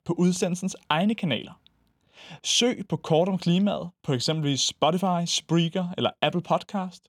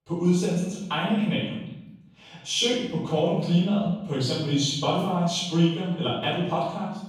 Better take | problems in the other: first | room echo; strong; dies away in 0.9 s // off-mic speech; far

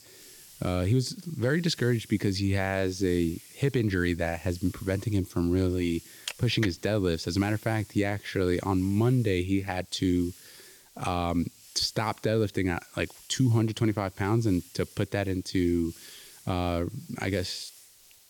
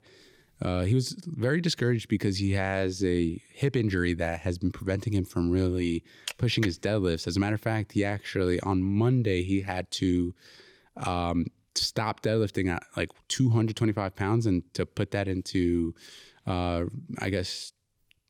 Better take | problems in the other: second | hiss; faint; throughout; 20 dB below the speech

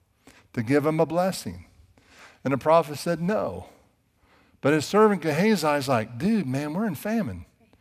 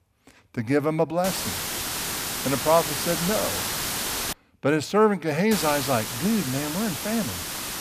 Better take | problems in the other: first | hiss; loud; from 1 to 4.5 s and from 5.5 s on; 3 dB below the speech

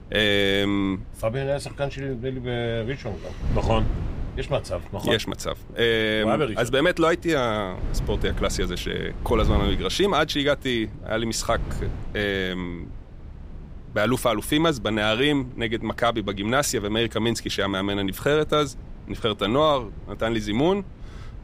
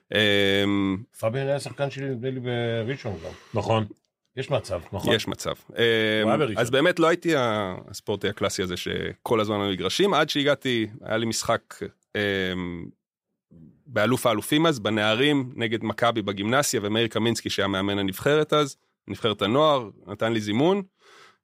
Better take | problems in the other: second | wind noise on the microphone; occasional gusts; 20 dB below the speech

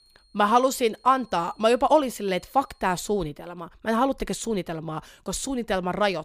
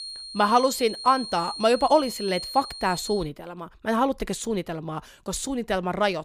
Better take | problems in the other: first | high-pitched whine; loud; until 3 s; 4.5 kHz, 10 dB below the speech; faint in the first

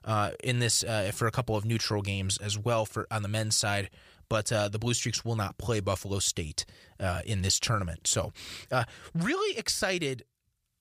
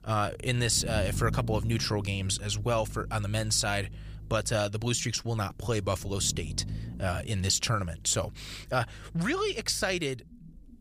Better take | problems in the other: first | low rumble; faint; throughout; 20 dB below the speech

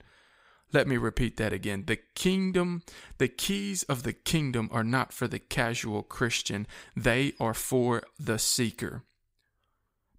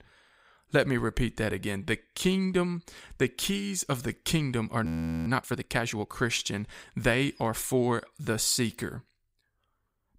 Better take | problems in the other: first | audio freezing; at 5 s

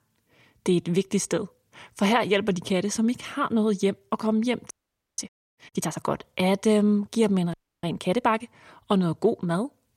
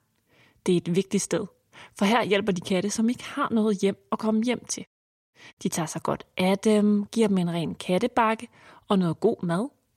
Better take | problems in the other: second | audio freezing; at 4.5 s and at 7.5 s

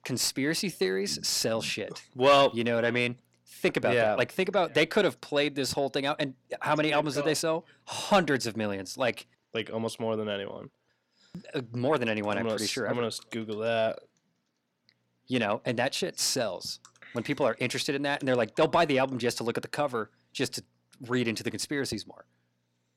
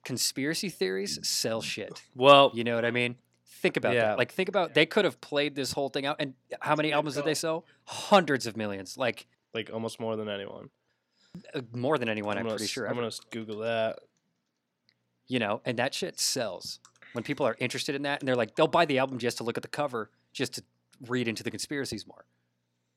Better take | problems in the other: second | distortion; slight; 10 dB below the speech

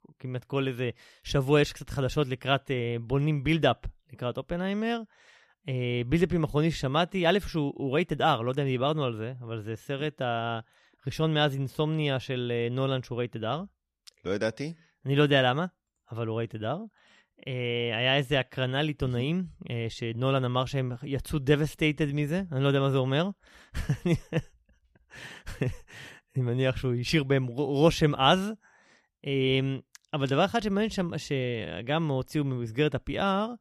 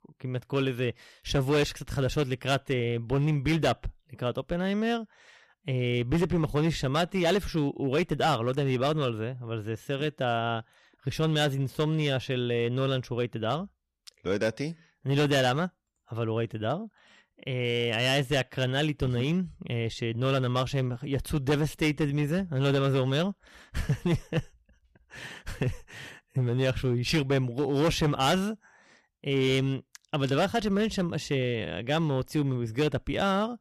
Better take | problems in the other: first | distortion; slight; 6% of the sound clipped

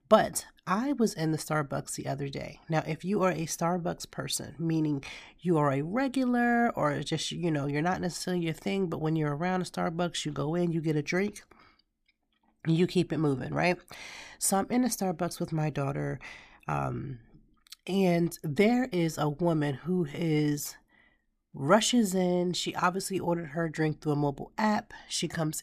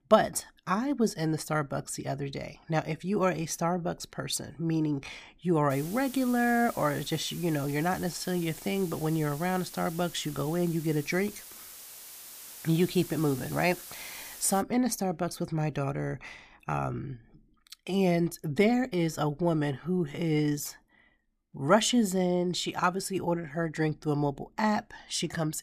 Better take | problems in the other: first | hiss; noticeable; from 5.5 to 15 s; 15 dB below the speech

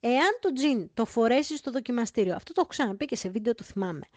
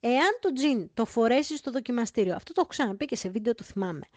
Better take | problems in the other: neither | garbled, watery; slightly; the same in both

